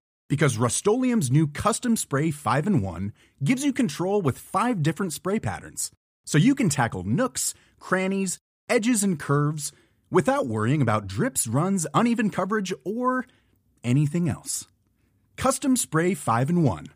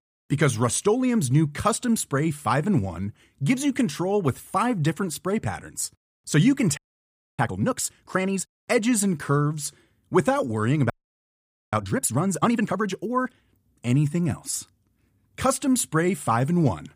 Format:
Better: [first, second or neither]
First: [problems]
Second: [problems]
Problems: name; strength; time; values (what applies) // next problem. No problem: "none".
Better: first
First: none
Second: audio freezing; at 7 s for 0.5 s and at 11 s for 1 s